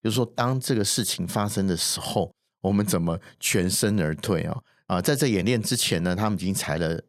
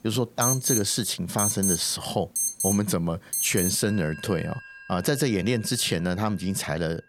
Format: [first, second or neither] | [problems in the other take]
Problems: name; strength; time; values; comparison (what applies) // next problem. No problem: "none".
first | alarms or sirens; loud; throughout; as loud as the speech